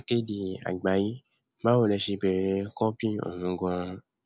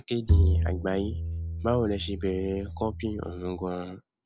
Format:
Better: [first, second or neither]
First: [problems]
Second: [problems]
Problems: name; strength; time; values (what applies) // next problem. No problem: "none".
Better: first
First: none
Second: background sound (Bowed string instrument); 3 dB above the speech